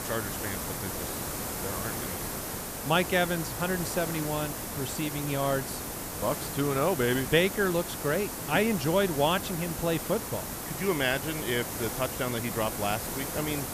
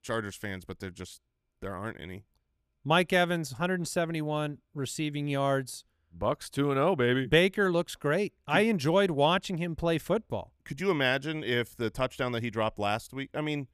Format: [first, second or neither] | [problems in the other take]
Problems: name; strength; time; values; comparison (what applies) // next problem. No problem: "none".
second | hiss; loud; throughout; 4 dB below the speech